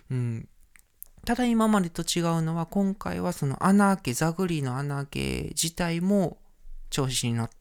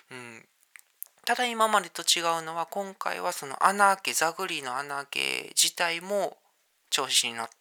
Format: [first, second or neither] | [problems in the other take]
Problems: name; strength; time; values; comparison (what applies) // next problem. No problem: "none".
first | thin; very; fading below 750 Hz